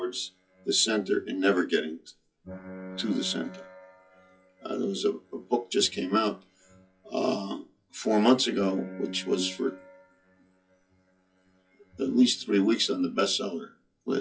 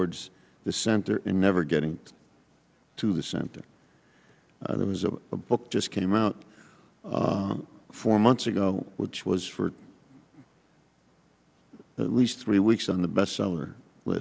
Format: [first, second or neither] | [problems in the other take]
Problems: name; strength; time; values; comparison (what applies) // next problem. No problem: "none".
second | noise reduction (classical method WPE with log-MMSE)